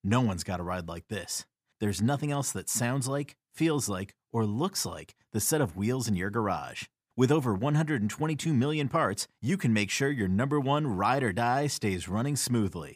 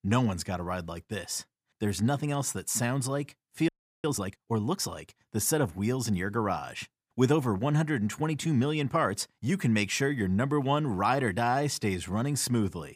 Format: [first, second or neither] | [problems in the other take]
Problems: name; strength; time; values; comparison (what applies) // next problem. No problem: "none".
first | audio freezing; at 3.5 s